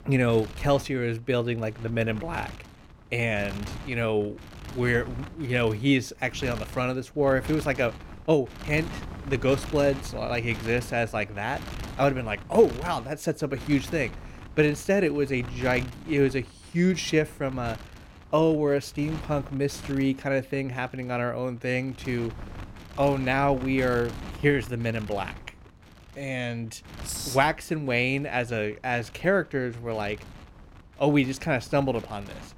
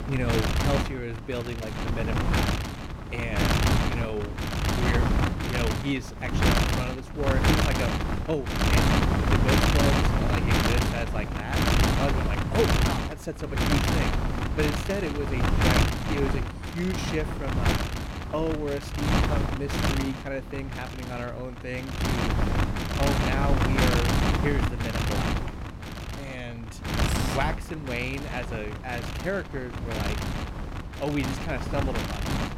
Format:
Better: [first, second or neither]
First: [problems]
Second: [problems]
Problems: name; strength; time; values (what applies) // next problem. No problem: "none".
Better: first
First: wind noise on the microphone; occasional gusts; 15 dB below the speech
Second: wind noise on the microphone; heavy; 4 dB above the speech